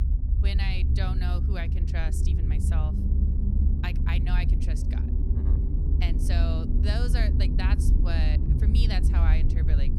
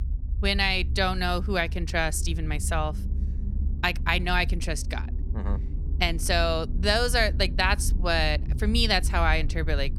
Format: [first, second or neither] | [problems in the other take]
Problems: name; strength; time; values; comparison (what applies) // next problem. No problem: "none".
second | low rumble; loud; throughout; 4 dB below the speech; faint in the second